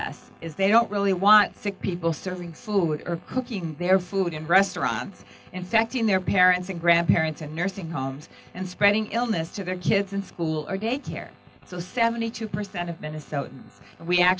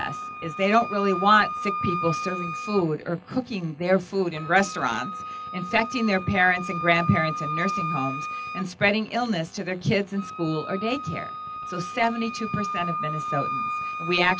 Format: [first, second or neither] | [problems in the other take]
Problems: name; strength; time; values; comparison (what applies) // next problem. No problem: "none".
first | background sound (Wind instrument, woodwind instrument); 7 dB below the speech